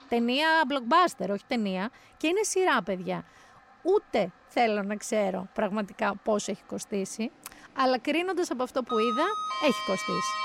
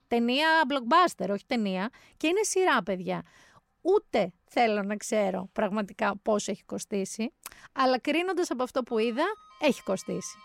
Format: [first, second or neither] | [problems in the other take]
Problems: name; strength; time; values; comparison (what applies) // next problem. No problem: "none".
second | household noises; loud; throughout; 3 dB below the speech; faint in the second